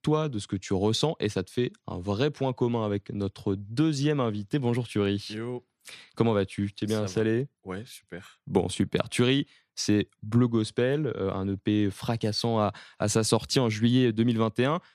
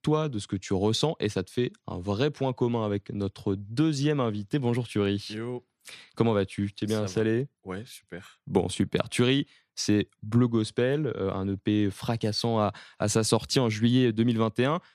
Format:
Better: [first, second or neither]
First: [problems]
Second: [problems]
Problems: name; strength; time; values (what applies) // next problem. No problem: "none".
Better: neither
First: none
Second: none